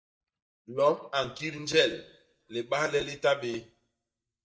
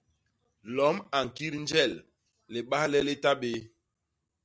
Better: second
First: noise reduction (neural mask model DeepFilterNet 3)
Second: none

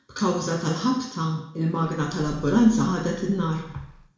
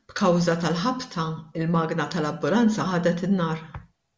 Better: second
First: background sound (Engine starting / Car); 20 dB below the speech // room echo; dies away in 0.6 s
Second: none

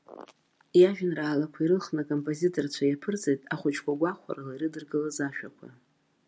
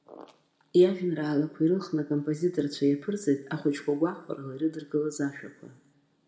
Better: first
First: none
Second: room echo; dies away in 1 s

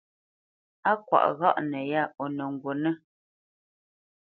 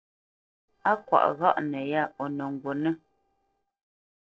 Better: first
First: none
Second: noise reduction (neural separator model SepFormer DNS4)

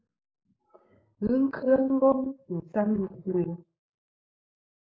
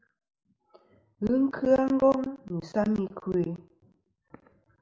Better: second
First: noise reduction (neural mask model Resemble Enhance denoiser)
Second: none

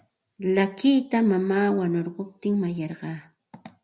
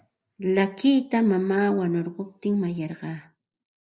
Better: first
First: none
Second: noise reduction (neural mask model Resemble Enhance denoiser)

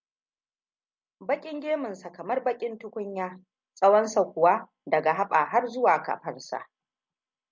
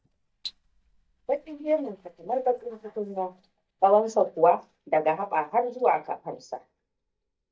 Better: first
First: none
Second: noise reduction (neural mask model DeepFilterNet 3)

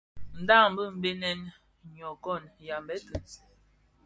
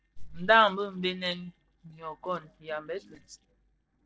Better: first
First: none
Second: noise reduction (neural separator model SepFormer DNS4)

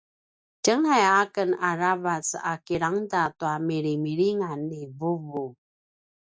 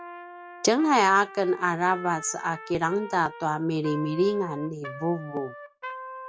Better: first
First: none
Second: background sound (Trumpet); 15 dB below the speech

